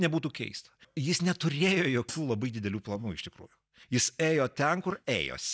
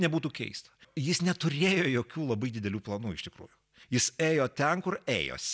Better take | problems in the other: second | noise reduction (neural mask model DeepFilterNet 3)

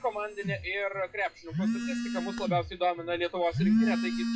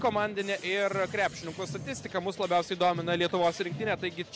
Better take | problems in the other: second | noise reduction (classical method WPE with log-MMSE)

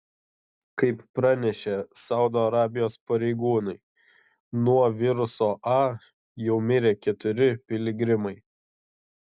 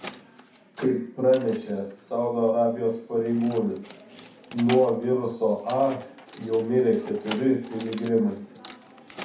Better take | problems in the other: first | background sound (Keys jangling); 18 dB below the speech // room echo; dies away in 0.6 s

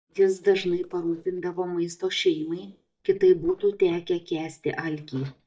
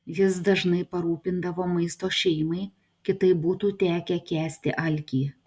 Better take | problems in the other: second | noise reduction (neural mask model DeepFilterNet 3)

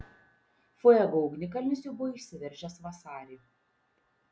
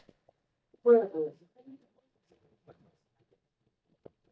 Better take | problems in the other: first | noise reduction (neural mask model DeepFilterNet 3)

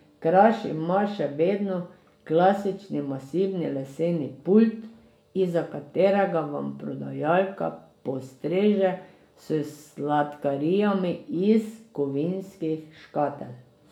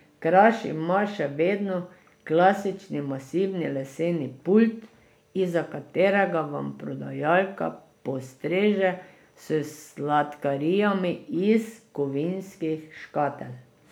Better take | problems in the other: second | room echo; dies away in 0.4 s

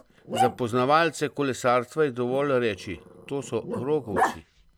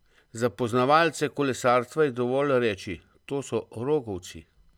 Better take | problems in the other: second | background sound (Growling); 7 dB below the speech

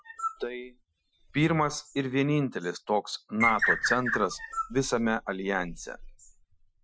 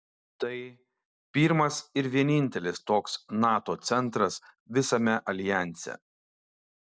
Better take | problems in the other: second | noise reduction (classical method Wiener filter)

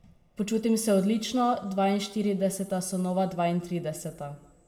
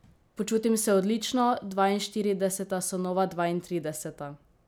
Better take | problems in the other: second | room echo; dies away in 1 s

